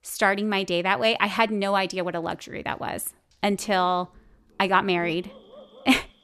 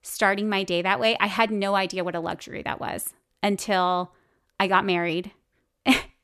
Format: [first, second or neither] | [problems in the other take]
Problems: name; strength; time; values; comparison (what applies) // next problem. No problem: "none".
second | animal sounds; faint; throughout; 25 dB below the speech